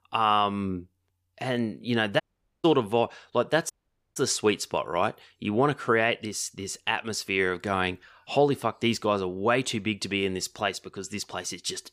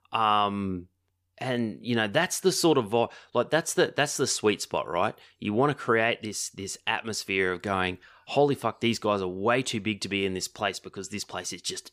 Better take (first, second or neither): second